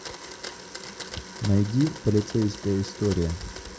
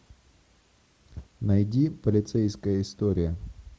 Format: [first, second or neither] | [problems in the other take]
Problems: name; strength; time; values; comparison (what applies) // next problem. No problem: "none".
second | background sound (Domestic sounds, home sounds); 13 dB below the speech